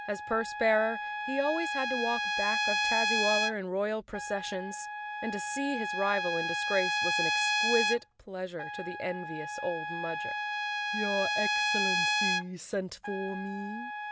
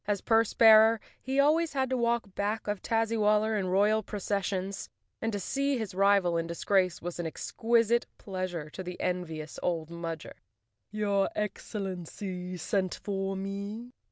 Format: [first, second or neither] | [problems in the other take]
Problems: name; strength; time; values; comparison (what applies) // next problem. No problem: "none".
second | background sound (Trumpet); 1 dB above the speech